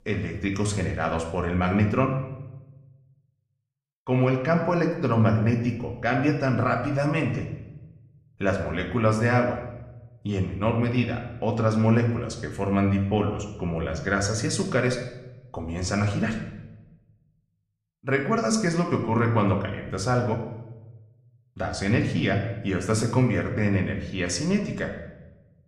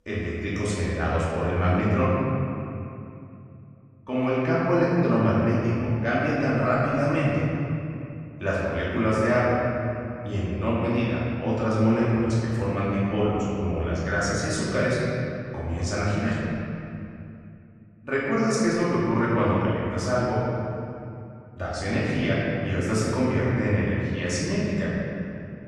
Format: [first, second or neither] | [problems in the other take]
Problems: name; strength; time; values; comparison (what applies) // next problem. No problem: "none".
first | room echo; strong; dies away in 2.6 s; slight in the first // off-mic speech; far; somewhat distant in the first